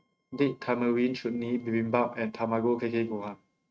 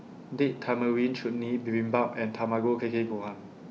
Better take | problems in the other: second | noise reduction (neural mask model RNNoise)

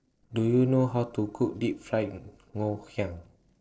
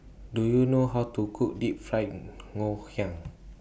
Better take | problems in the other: second | noise reduction (neural separator model SepFormer DNS4)

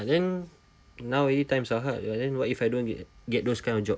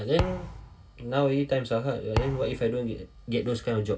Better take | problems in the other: first | background sound (Thump, thud); 8 dB below the speech // room echo; dies away in 0.2 s

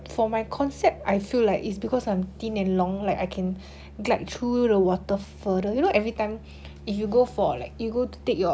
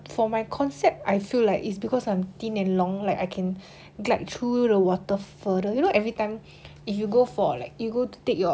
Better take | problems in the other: second | background sound (Musical instrument); 19 dB below the speech

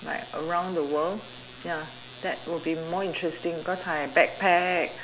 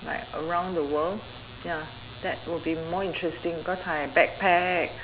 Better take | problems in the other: first | background sound (Rain); 19 dB below the speech

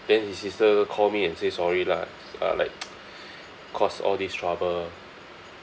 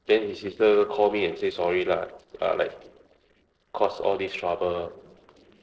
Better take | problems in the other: first | noise reduction (neural separator model SepFormer DNS4)

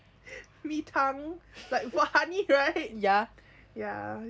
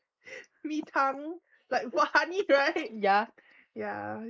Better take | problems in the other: first | noise reduction (neural mask model Resemble Enhance denoiser)

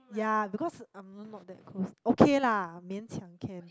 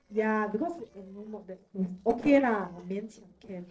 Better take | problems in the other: first | noise reduction (neural separator model SepFormer DNS4)

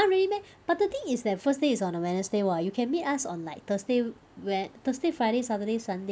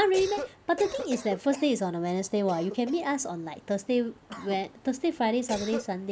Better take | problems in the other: first | background sound (Cough); 14 dB below the speech

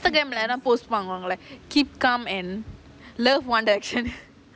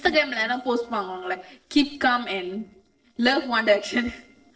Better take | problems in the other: first | noise reduction (neural separator model SepFormer DNS4)

